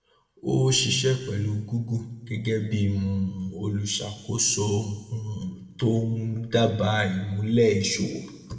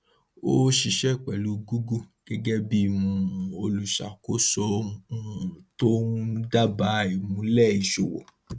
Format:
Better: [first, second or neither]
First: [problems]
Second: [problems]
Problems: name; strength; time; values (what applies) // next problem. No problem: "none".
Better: second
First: room echo; dies away in 1 s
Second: none